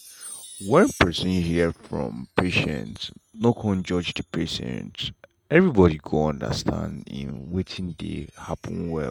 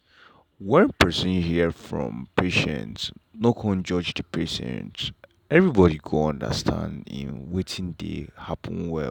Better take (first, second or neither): second